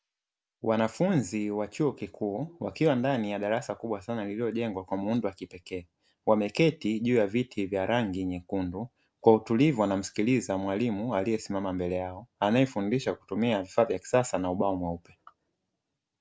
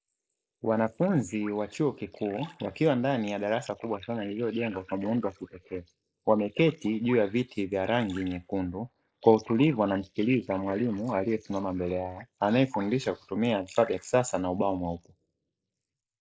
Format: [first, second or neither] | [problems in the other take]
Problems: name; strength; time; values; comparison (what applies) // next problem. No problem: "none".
first | noise reduction (neural mask model Resemble Enhance denoiser)